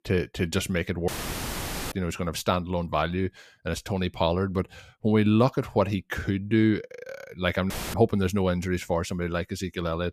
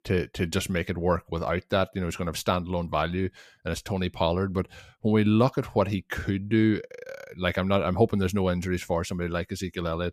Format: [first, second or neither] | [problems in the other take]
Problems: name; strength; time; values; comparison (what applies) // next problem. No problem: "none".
second | audio cutting out; filled with static; at 1 s for 1 s and at 7.5 s